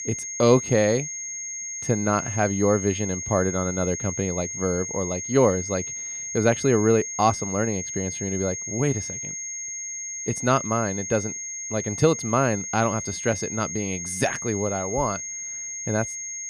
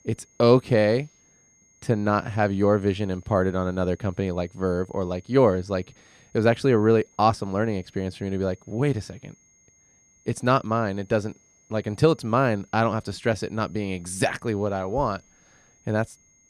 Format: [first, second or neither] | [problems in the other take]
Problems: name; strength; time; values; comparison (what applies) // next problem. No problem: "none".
second | high-pitched whine; loud; throughout; 6.5 kHz, 5 dB below the speech; faint in the second